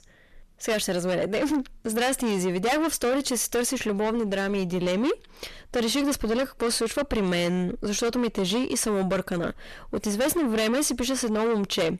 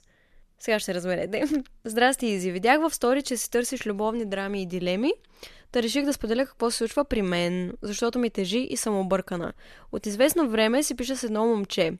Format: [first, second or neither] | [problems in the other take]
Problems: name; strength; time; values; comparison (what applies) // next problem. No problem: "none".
second | distortion; heavy; 6 dB below the speech